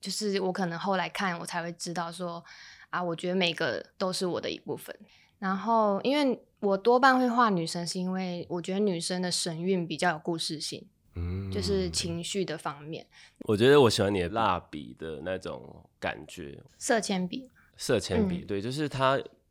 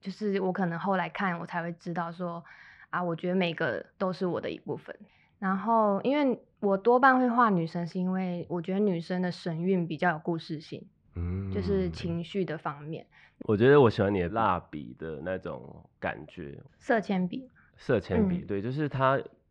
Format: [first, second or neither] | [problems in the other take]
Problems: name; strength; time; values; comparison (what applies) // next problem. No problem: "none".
first | muffled; very; fading above 2 kHz